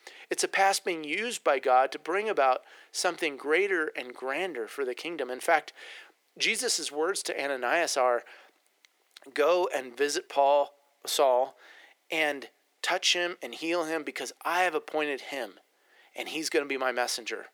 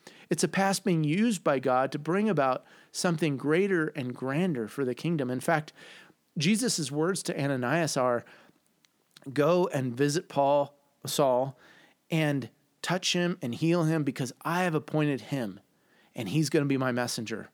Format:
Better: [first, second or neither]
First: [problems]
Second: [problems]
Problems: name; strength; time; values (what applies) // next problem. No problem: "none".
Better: second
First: thin; very; fading below 400 Hz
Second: none